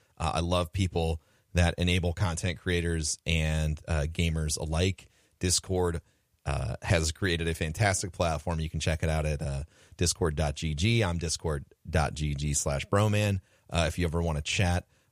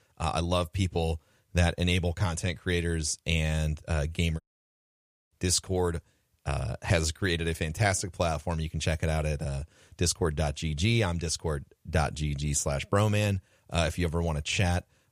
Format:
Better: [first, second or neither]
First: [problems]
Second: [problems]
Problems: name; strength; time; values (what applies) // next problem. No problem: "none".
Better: first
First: none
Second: audio cutting out; at 4.5 s for 1 s